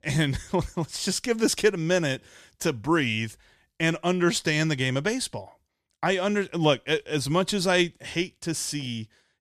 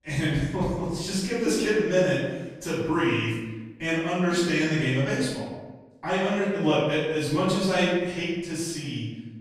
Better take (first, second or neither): first